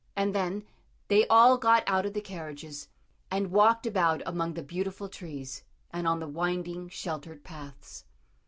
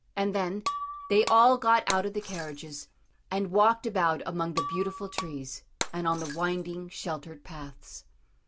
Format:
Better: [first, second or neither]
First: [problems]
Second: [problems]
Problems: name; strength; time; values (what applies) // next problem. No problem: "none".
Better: first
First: none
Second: background sound (Shatter); 11 dB below the speech